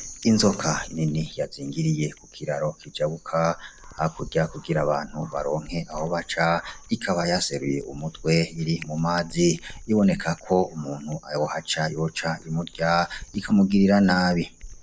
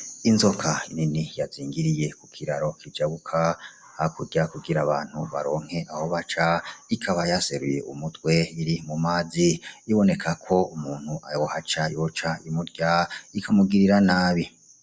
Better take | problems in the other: second | background sound (Cat); 20 dB below the speech

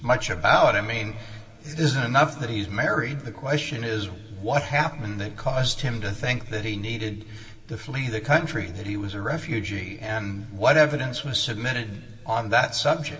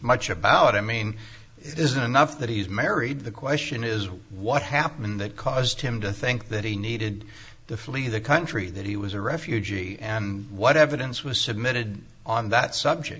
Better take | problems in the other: second | room echo; dies away in 1.9 s

